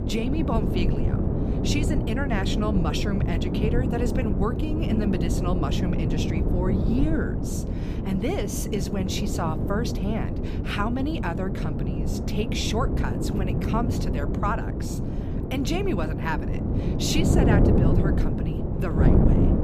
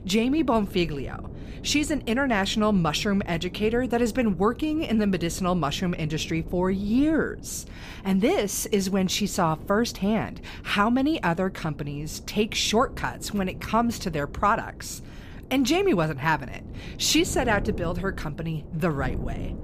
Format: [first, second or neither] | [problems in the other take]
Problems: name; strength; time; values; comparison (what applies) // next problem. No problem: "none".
second | wind noise on the microphone; heavy; 1 dB below the speech; occasional gusts in the second